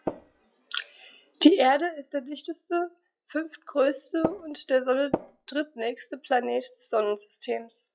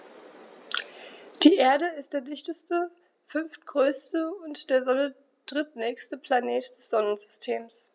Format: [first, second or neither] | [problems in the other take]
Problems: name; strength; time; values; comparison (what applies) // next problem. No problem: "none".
second | noise reduction (classical method log-MMSE)